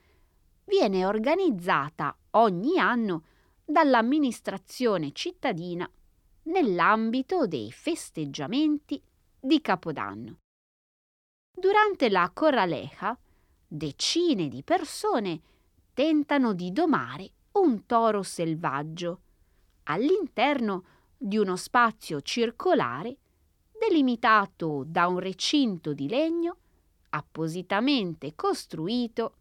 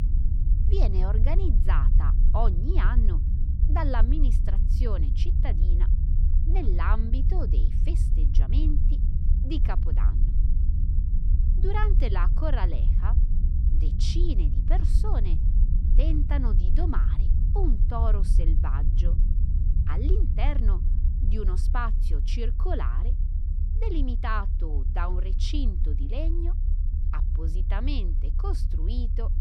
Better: first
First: none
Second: low rumble; loud; throughout; 8 dB below the speech

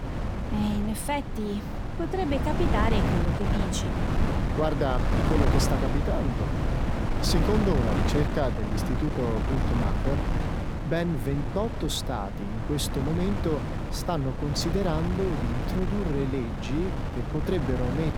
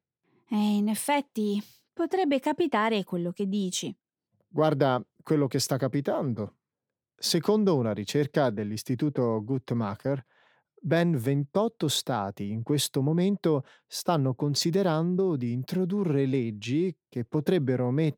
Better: second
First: wind noise on the microphone; heavy; 2 dB below the speech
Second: none

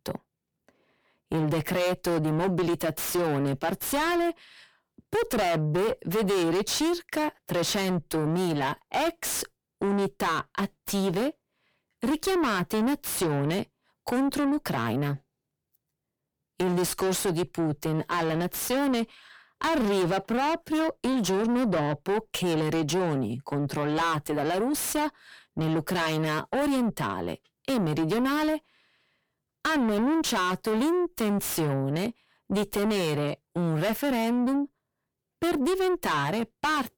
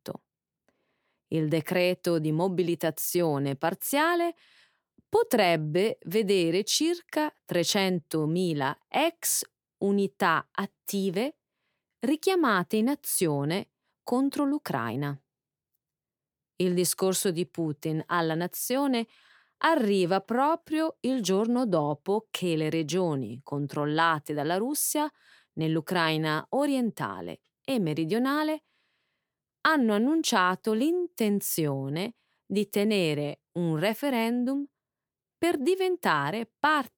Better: second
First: distortion; heavy; 5 dB below the speech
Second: none

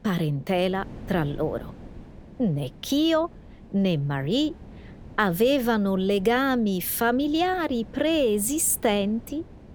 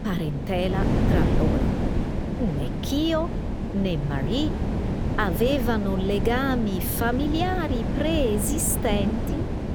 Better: first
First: wind noise on the microphone; occasional gusts; 25 dB below the speech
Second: wind noise on the microphone; heavy; 5 dB below the speech

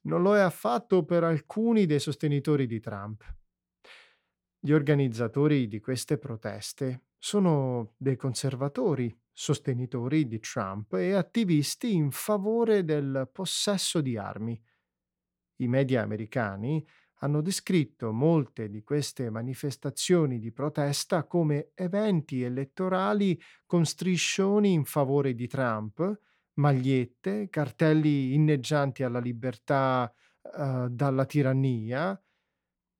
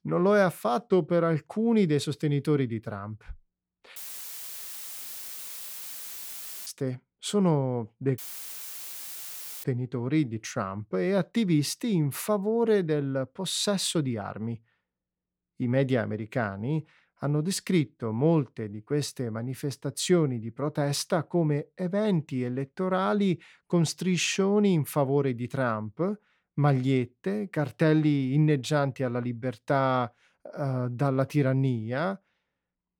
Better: first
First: none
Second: audio cutting out; filled with static; at 4 s for 2.5 s and at 8 s for 1.5 s

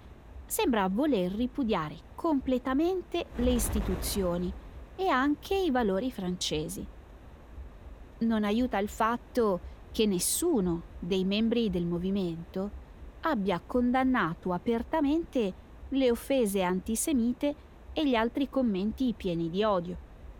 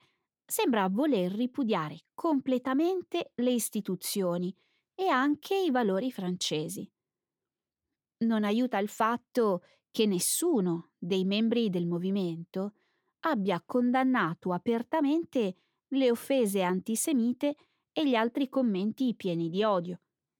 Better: second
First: wind noise on the microphone; occasional gusts; 20 dB below the speech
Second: none

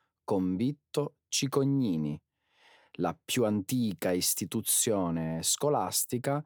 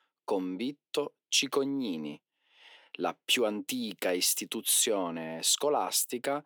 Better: first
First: none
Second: thin; very slightly; fading below 300 Hz

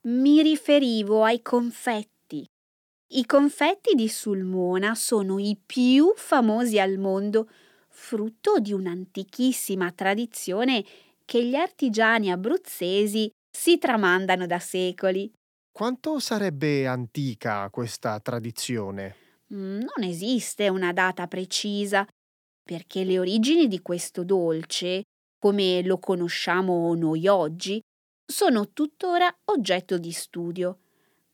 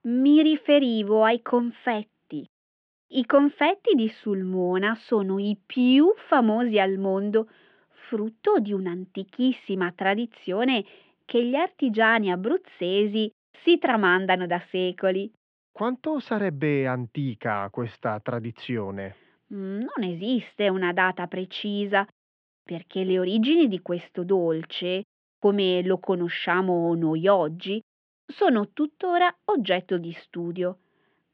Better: first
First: none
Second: muffled; very; fading above 3 kHz

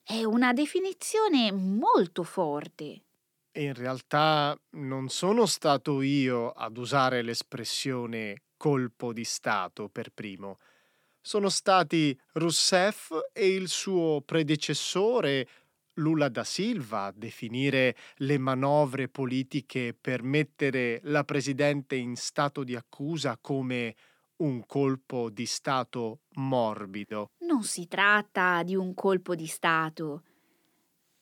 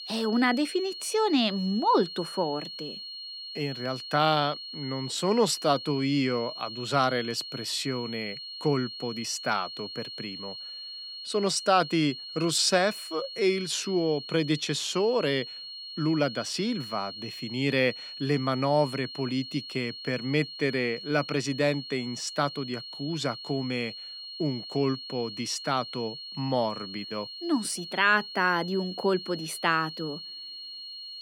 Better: first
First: none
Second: high-pitched whine; loud; throughout; 4.5 kHz, 10 dB below the speech

